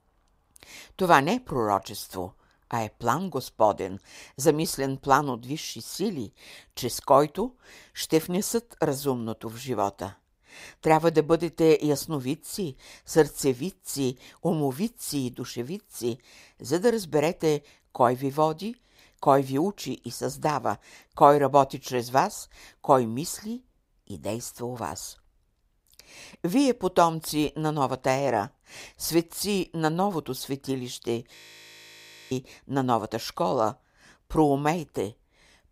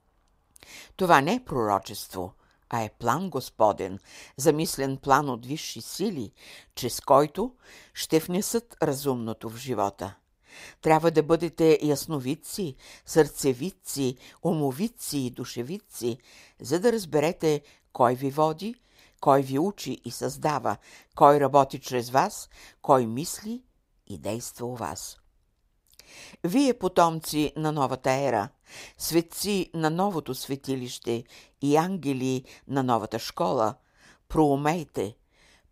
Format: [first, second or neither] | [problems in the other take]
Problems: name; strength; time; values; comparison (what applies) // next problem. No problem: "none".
second | audio freezing; at 31 s for 1 s